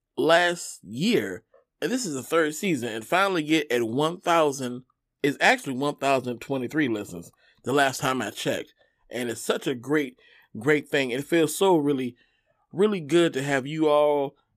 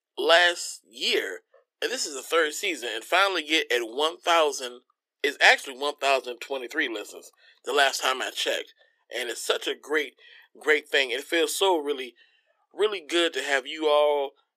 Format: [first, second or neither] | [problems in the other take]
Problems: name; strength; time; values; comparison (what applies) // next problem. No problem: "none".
first | thin; very; fading below 400 Hz